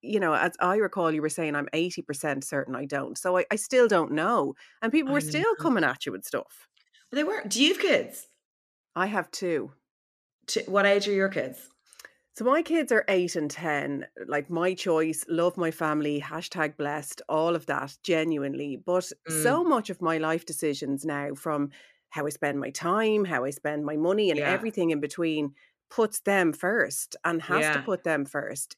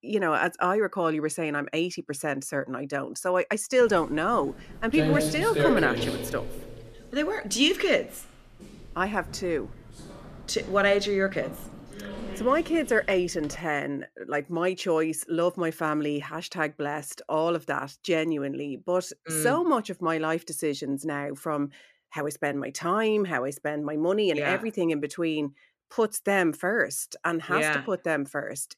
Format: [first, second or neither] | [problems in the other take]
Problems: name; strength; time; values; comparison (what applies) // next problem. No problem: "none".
first | footsteps; loud; from 4 to 14 s; peak 2 dB above the speech